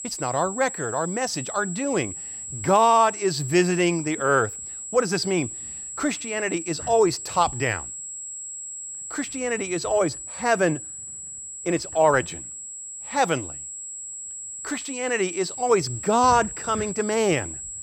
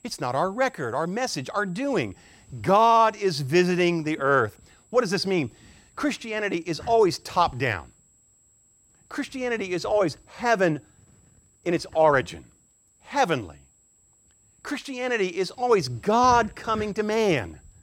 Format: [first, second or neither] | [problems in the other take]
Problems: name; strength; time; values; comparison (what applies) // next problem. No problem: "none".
second | high-pitched whine; loud; throughout; 7.5 kHz, 9 dB below the speech; faint in the second